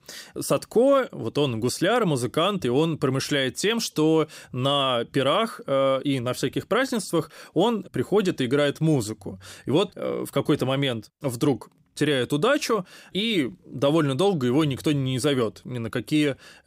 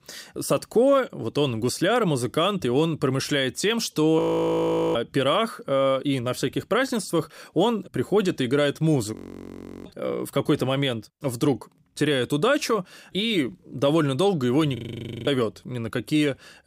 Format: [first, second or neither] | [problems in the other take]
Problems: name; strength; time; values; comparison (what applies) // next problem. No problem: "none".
first | audio freezing; at 4 s for 1 s, at 9 s for 0.5 s and at 15 s for 0.5 s